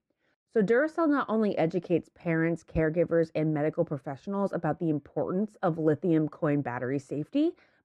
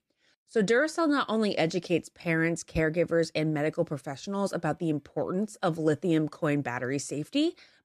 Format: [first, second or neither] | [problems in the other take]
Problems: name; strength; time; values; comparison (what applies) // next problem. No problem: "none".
second | muffled; very; fading above 2.5 kHz